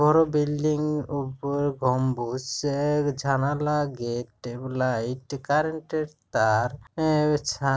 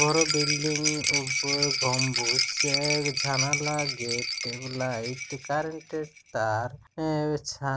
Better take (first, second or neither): first